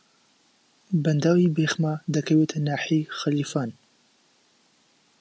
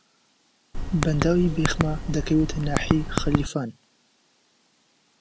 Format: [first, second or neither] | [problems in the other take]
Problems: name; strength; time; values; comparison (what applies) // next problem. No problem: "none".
first | background sound (Typing); as loud as the speech